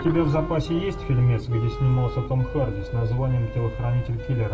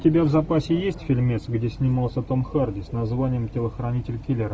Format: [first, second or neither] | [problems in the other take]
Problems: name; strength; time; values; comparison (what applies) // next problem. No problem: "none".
second | background sound (Wind instrument, woodwind instrument); 14 dB below the speech // room echo; dies away in 1.3 s